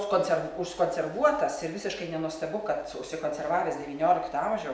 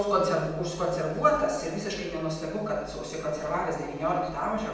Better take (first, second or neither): first